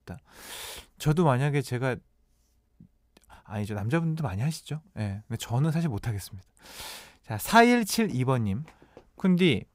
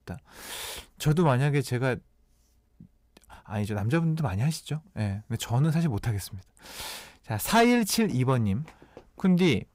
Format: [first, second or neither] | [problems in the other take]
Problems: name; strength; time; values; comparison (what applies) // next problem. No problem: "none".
first | distortion; slight; 10 dB below the speech